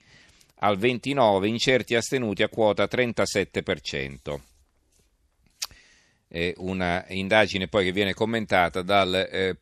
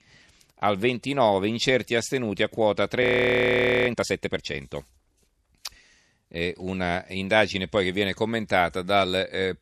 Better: first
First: none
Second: audio freezing; at 3 s for 1 s

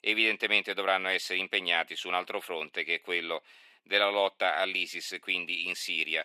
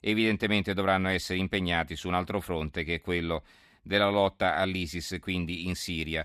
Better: second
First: thin; very; fading below 400 Hz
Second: none

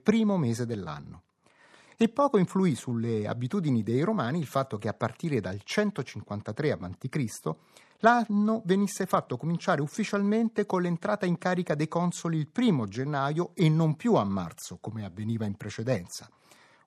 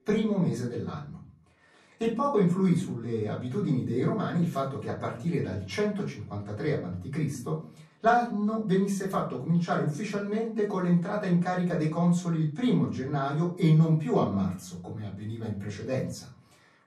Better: first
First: none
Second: off-mic speech; far // room echo; slight; dies away in 0.4 s

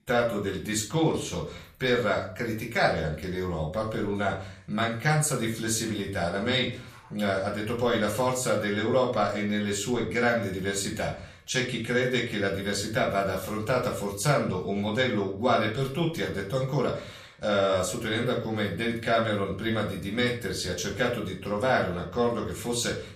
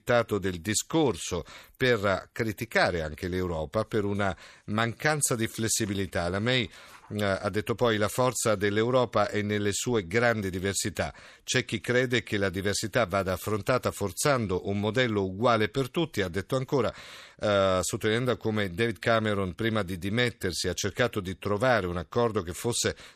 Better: second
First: off-mic speech; far // room echo; slight; dies away in 0.4 s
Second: none

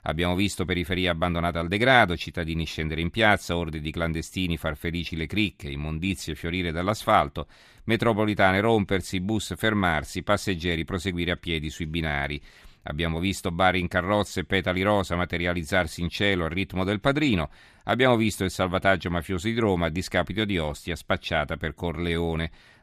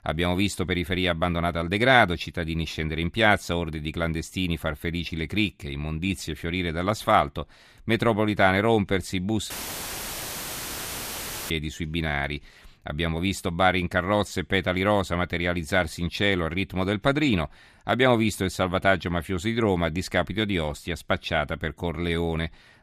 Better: first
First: none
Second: audio cutting out; filled with static; at 9.5 s for 2 s

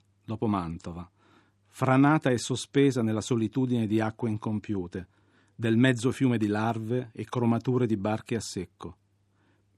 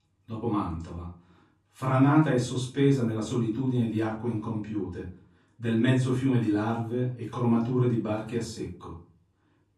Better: first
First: none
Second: off-mic speech; far // room echo; noticeable; dies away in 0.4 s

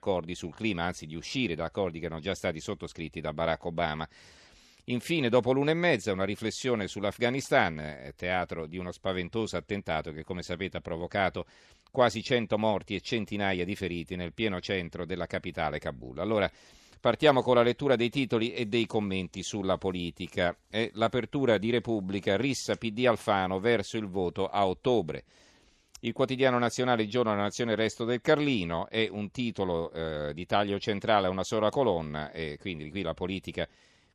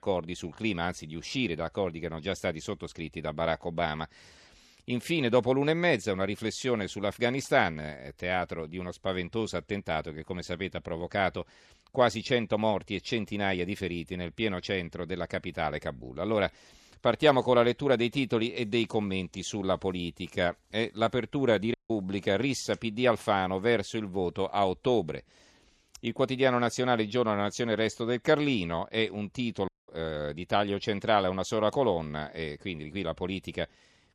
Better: first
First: none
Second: audio cutting out; at 22 s and at 30 s

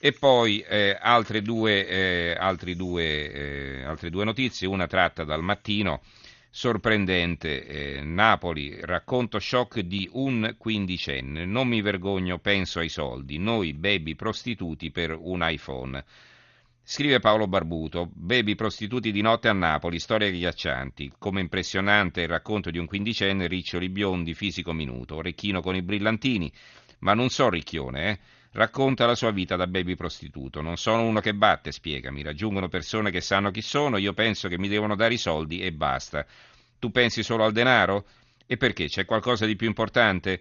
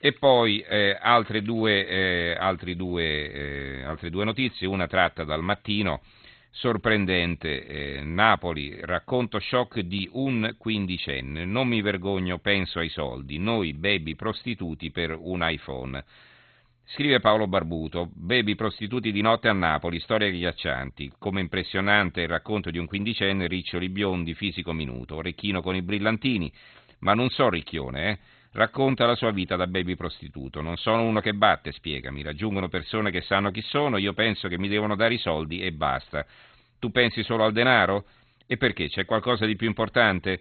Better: first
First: garbled, watery; slightly; nothing above 6.5 kHz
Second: garbled, watery; badly; nothing above 4 kHz

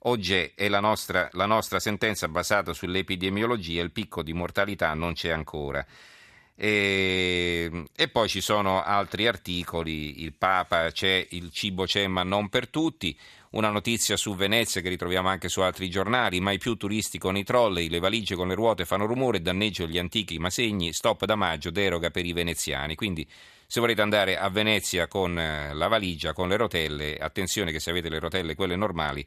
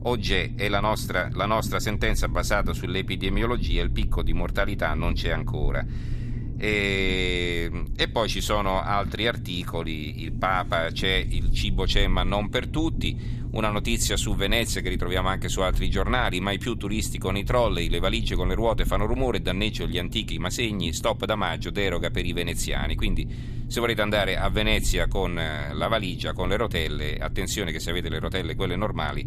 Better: first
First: none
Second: low rumble; noticeable; throughout; 20 dB below the speech

